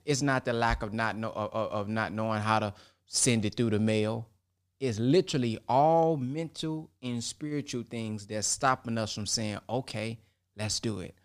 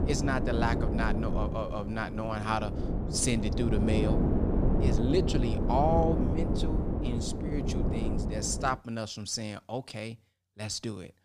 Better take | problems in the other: first | wind noise on the microphone; heavy; until 8.5 s; 4 dB below the speech

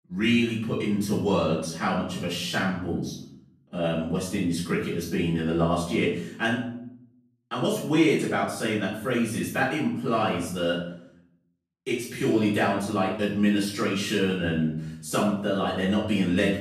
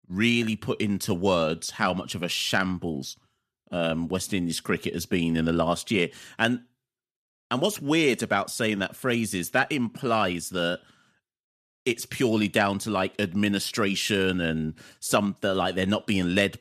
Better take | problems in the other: second | off-mic speech; far // room echo; noticeable; dies away in 0.6 s

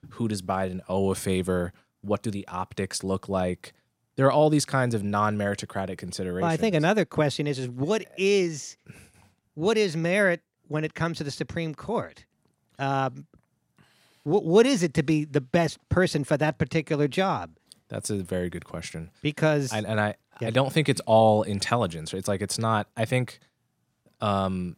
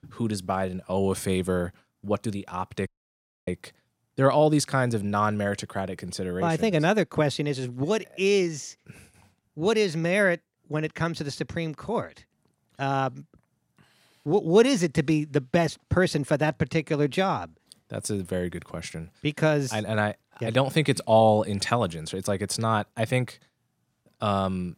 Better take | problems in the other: first | audio cutting out; at 3 s for 0.5 s

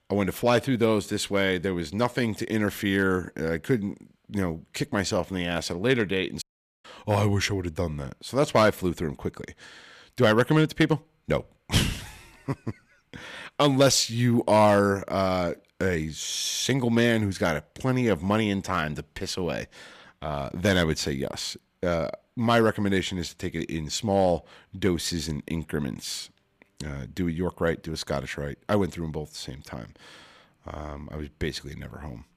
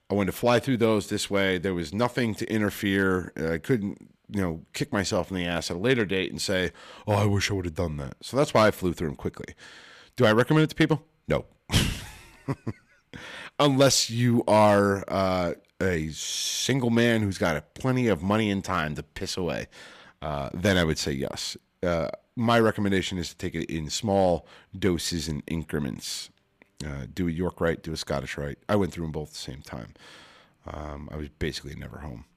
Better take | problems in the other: second | audio cutting out; at 6.5 s

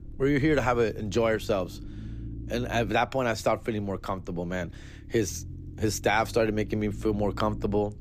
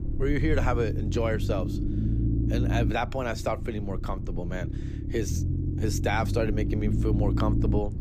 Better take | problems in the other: first | low rumble; loud; throughout; 7 dB below the speech; faint in the first

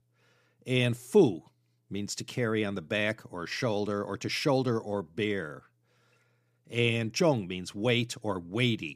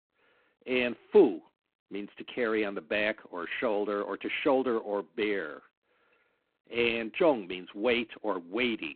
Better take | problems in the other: first | phone-call audio; poor line

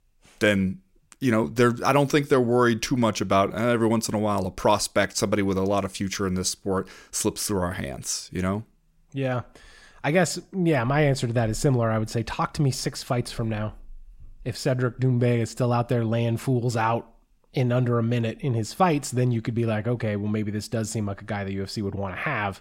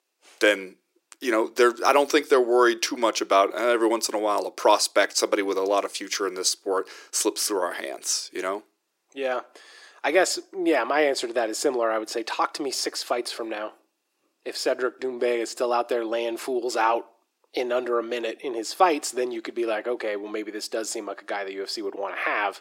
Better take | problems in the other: first | thin; very; fading below 350 Hz

